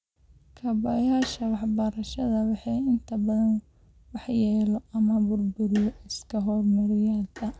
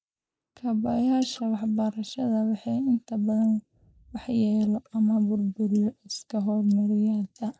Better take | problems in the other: first | noise reduction (neural mask model Resemble Enhance denoiser)

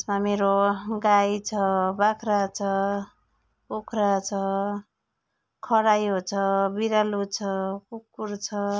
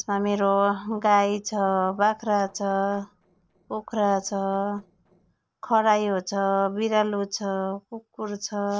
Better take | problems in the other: first | noise reduction (neural separator model SepFormer DNS4)

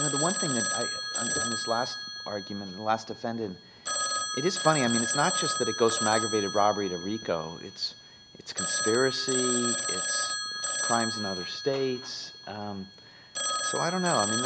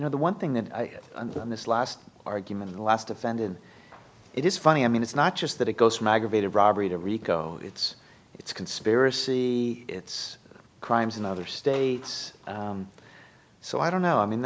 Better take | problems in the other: second | background sound (Telephone); 1 dB below the speech

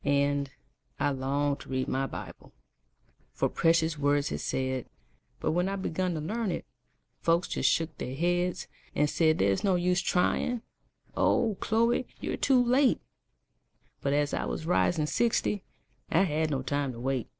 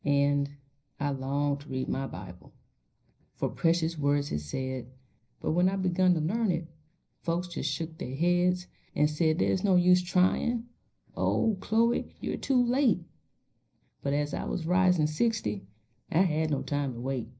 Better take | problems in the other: first | room echo; dies away in 0.5 s

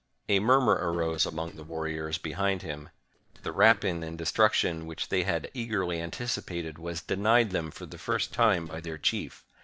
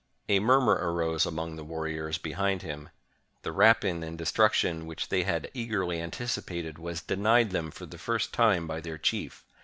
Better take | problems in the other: second | noise reduction (neural separator model SepFormer DNS4)

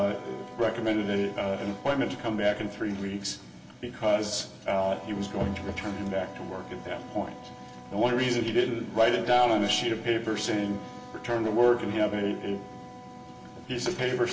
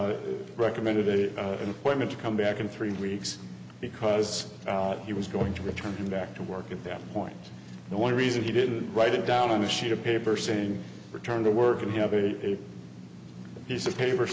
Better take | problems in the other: second | background sound (Wind instrument, woodwind instrument); 19 dB below the speech // room echo; dies away in 0.2 s

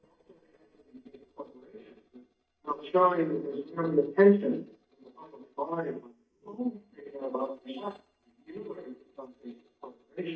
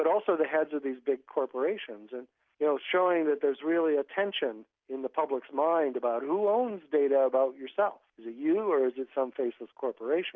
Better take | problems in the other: second | noise reduction (neural mask model DeepFilterNet 3)

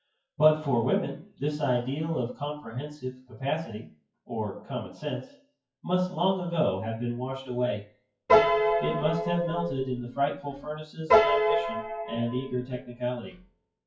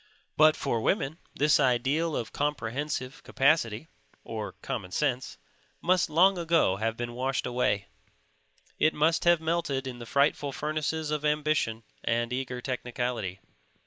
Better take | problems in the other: second | noise reduction (classical method WPE with log-MMSE)

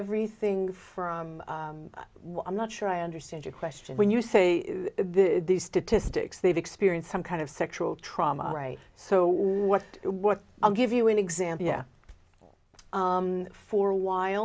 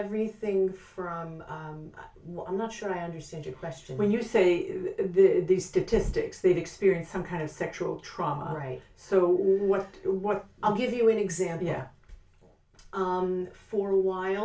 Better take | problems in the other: first | room echo; dies away in 0.3 s

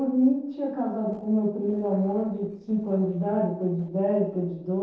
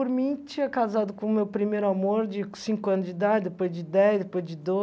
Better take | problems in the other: second | noise reduction (neural separator model SepFormer DNS4)

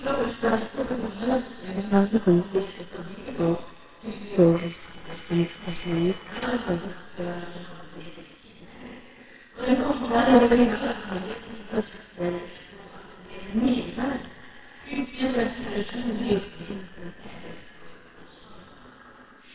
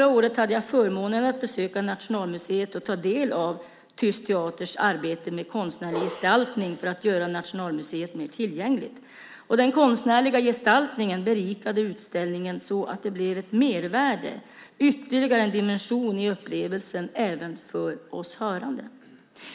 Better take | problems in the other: second | noise reduction (neural separator model SepFormer WHAMR!)

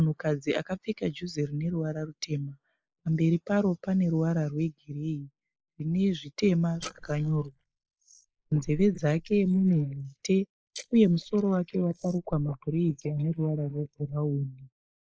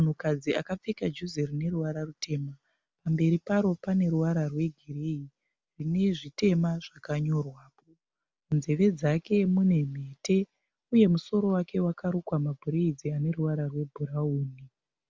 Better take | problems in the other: second | noise reduction (neural mask model Resemble Enhance denoiser)

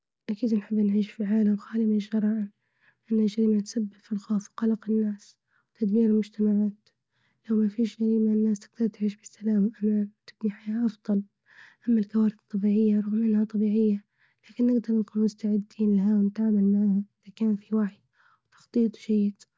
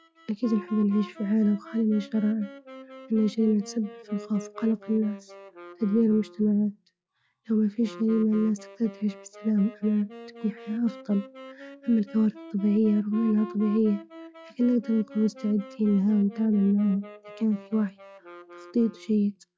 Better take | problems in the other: first | noise reduction (classical method log-MMSE)

